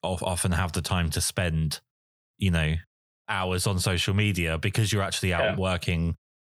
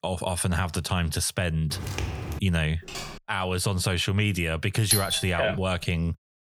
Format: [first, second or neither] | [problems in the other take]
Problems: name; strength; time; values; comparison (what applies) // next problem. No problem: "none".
first | footsteps; noticeable; at 1.5 s; peak 5 dB below the speech // keyboard typing; noticeable; at 3 s; peak 10 dB below the speech // doorbell; loud; at 5 s; peak 3 dB above the speech